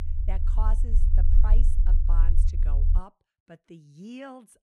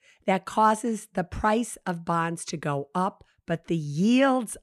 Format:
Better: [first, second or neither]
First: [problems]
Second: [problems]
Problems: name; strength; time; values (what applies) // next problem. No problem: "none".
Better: second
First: low rumble; loud; until 3 s; 4 dB below the speech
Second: none